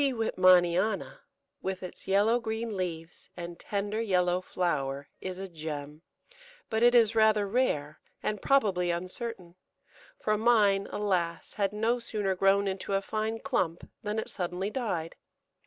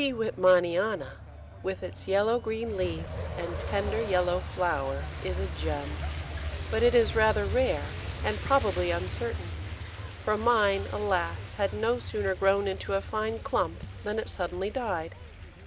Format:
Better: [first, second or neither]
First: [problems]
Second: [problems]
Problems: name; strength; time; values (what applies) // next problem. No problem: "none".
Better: first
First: none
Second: background sound (Truck); 7 dB below the speech